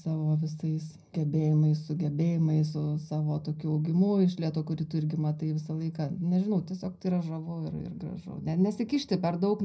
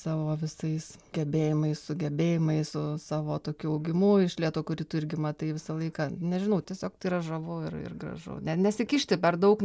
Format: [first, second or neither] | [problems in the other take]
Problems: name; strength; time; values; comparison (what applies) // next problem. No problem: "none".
second | room echo; dies away in 0.4 s